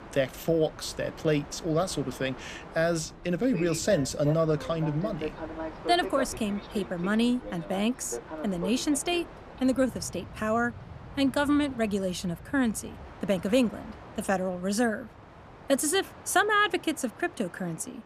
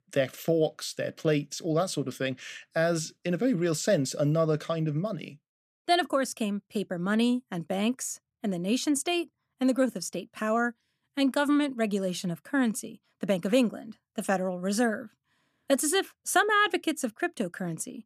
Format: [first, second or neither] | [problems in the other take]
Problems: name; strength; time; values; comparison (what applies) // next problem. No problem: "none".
second | train or aircraft noise; noticeable; throughout; 15 dB below the speech